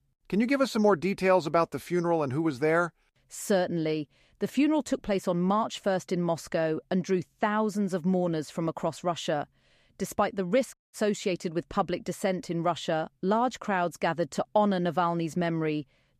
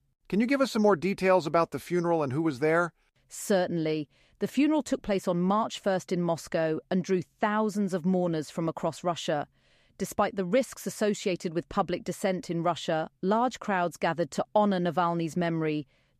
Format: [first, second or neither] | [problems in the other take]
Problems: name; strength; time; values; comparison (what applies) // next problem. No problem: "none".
second | audio cutting out; at 11 s